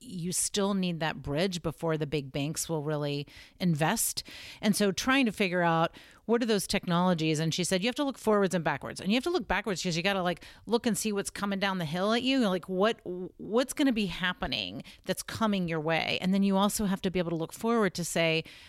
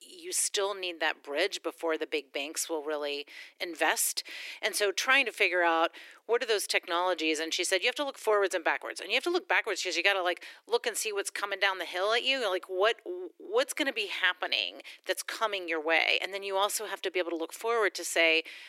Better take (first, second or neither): first